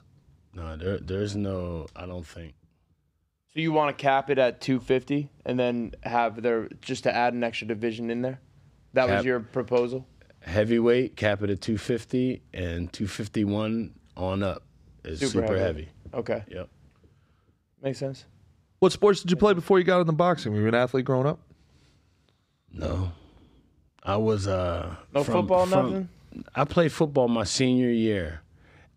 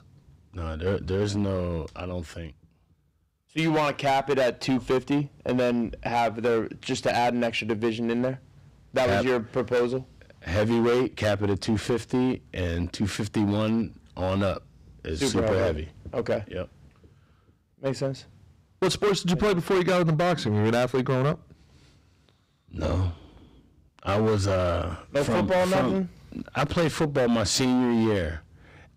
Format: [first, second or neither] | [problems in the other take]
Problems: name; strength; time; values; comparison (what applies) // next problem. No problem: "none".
first | distortion; heavy; 11% of the sound clipped